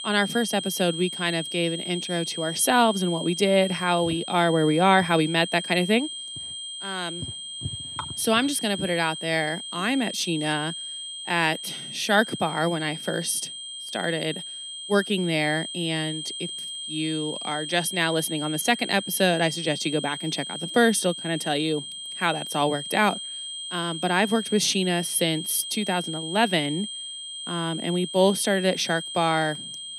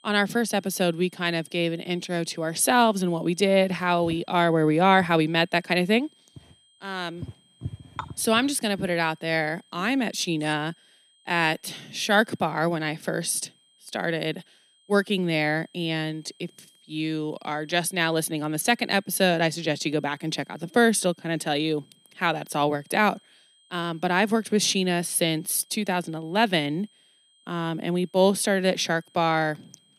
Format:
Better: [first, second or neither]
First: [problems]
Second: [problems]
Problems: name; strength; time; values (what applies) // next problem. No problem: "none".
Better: second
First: high-pitched whine; loud; throughout; 3 kHz, 8 dB below the speech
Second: high-pitched whine; faint; throughout; 3 kHz, 35 dB below the speech